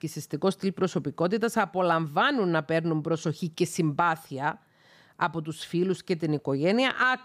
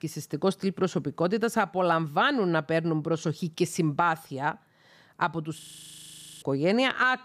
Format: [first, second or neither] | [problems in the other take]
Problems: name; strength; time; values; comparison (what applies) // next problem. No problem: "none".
first | audio freezing; at 5.5 s for 1 s